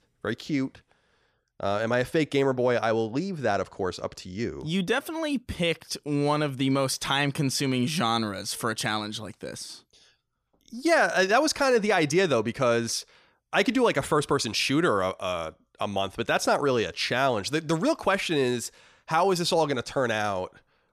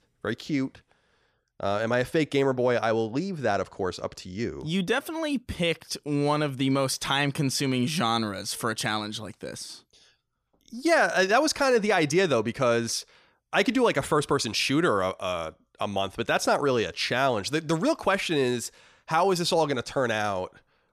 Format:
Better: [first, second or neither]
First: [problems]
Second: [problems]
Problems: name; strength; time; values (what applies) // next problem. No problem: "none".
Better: neither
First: none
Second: none